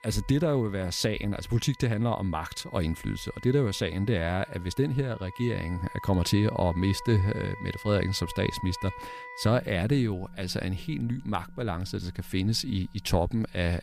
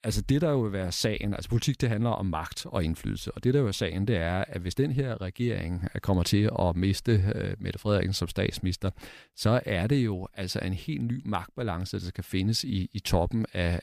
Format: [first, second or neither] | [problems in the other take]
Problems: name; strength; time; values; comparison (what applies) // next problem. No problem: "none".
second | background music; noticeable; throughout; 15 dB below the speech